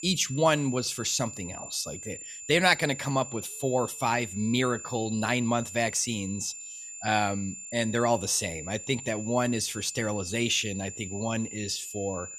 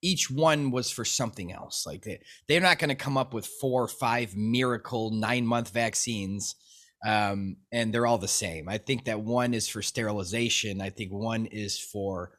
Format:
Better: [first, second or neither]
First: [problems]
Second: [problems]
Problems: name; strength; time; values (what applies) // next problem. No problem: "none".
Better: second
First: high-pitched whine; noticeable; throughout; 7 kHz, 10 dB below the speech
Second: none